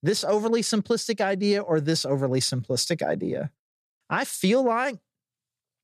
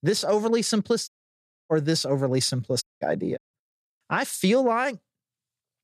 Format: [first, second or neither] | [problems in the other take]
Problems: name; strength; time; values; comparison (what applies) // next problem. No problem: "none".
first | audio cutting out; at 1 s for 0.5 s, at 3 s and at 3.5 s